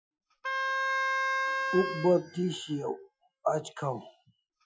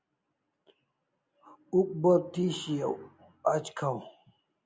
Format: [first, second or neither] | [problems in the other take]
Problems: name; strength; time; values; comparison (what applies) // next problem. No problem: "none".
second | noise reduction (classical method Wiener filter)